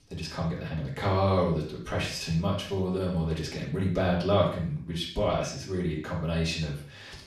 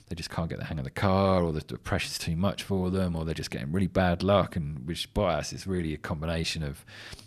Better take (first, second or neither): second